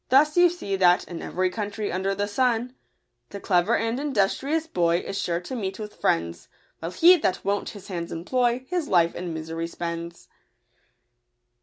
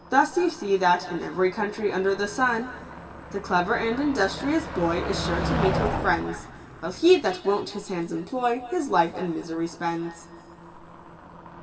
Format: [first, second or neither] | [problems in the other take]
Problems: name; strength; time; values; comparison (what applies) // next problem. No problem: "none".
first | background sound (Motor vehicle (road)); 9 dB below the speech // room echo; dies away in 2 s